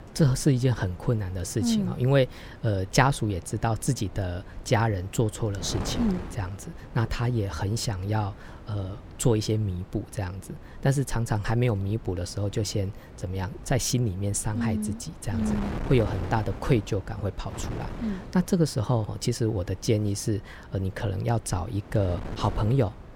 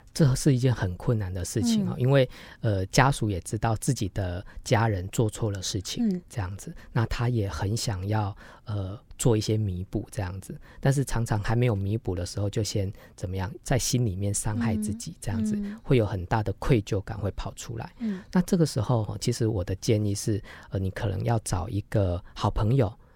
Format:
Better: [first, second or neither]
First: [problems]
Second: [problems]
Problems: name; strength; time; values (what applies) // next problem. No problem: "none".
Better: second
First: wind noise on the microphone; occasional gusts; 15 dB below the speech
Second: none